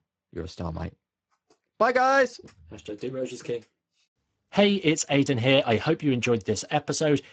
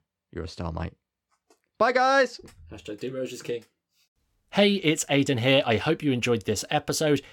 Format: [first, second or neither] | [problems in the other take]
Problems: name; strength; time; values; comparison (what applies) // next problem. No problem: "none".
second | garbled, watery; badly; nothing above 7.5 kHz